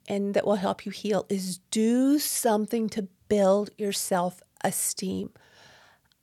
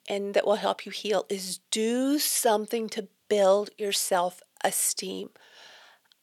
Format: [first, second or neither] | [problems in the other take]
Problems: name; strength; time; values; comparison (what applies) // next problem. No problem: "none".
first | thin; very slightly; fading below 350 Hz